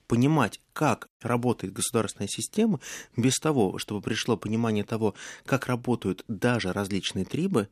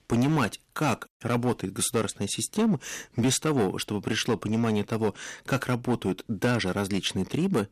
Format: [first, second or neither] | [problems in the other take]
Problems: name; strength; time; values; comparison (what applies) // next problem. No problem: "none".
first | distortion; slight; 7% of the sound clipped